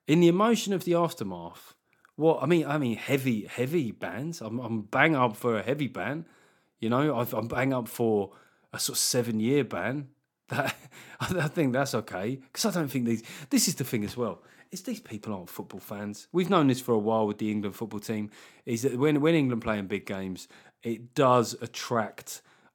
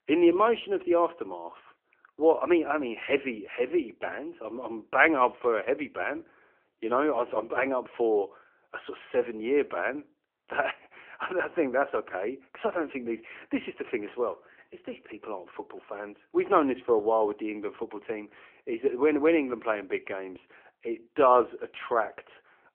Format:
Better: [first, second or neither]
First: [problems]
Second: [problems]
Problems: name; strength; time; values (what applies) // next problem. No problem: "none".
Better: first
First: none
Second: phone-call audio